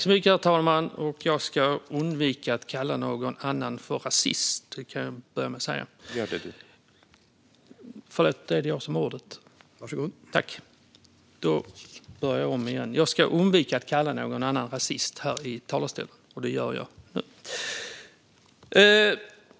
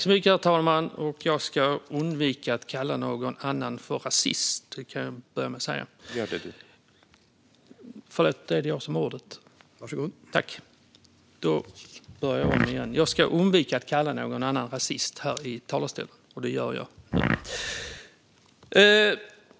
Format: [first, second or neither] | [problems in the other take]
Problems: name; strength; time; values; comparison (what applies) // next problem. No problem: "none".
first | background sound (Fart); 2 dB below the speech